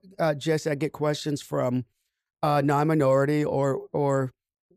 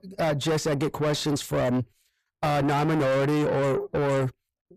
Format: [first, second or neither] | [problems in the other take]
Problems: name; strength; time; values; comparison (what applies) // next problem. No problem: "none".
first | distortion; heavy; 6 dB below the speech